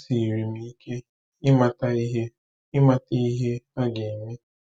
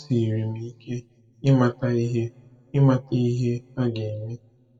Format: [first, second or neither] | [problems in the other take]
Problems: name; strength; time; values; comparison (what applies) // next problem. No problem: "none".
first | room echo; dies away in 1 s